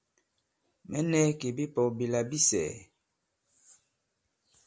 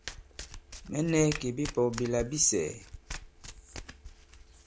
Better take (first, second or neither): first